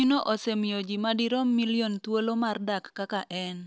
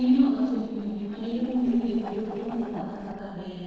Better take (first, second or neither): first